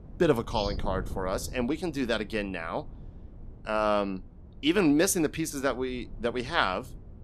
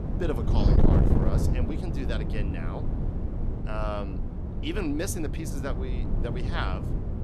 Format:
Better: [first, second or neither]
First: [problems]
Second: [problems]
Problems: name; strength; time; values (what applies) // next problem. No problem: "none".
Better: first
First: wind noise on the microphone; occasional gusts; 25 dB below the speech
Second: wind noise on the microphone; heavy; 2 dB below the speech